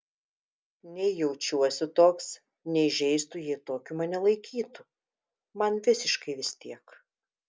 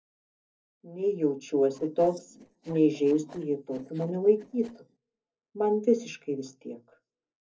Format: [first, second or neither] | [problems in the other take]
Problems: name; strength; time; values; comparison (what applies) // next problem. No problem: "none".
first | noise reduction (neural separator model SepFormer DNS4)